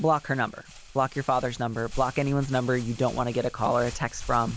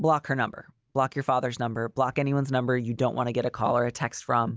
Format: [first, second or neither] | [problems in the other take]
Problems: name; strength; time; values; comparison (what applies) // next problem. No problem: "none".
second | background sound (Crumpling, crinkling); 14 dB below the speech